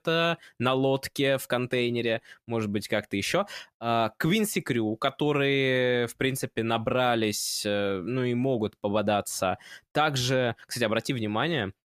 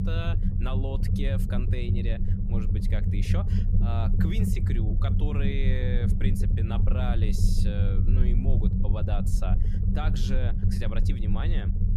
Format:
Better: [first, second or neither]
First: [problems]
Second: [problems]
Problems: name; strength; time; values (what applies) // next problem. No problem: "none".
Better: first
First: none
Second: low rumble; loud; throughout; 1 dB below the speech